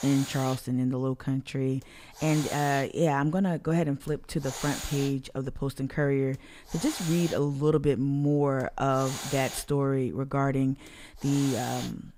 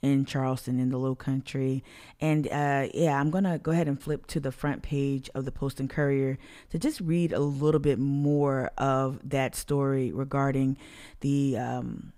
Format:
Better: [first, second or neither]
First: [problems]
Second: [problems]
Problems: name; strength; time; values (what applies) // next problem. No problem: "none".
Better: second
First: hiss; loud; throughout; 10 dB below the speech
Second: none